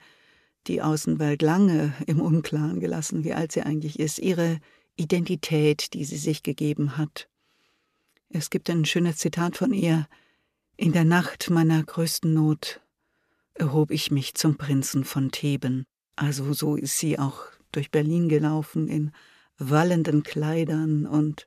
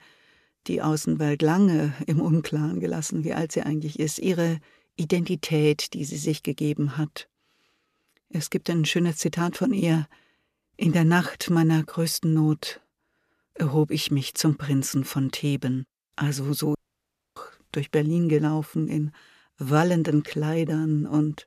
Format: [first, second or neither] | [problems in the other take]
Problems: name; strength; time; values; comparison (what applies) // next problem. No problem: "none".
first | audio cutting out; at 17 s for 0.5 s